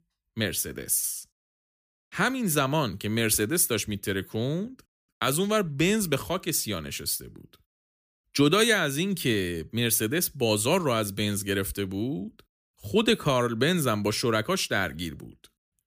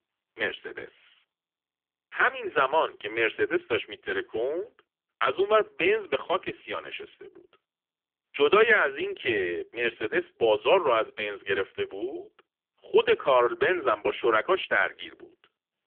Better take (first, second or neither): first